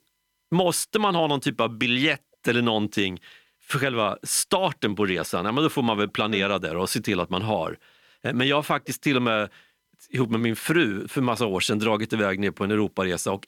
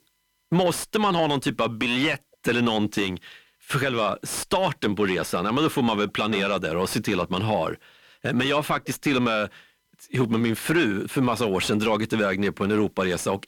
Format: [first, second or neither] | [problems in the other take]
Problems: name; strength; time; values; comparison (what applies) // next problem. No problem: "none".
first | distortion; slight; 10 dB below the speech